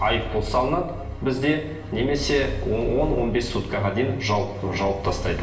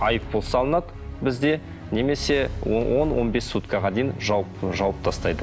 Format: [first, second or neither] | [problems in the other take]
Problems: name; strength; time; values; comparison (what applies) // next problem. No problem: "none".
second | room echo; dies away in 0.8 s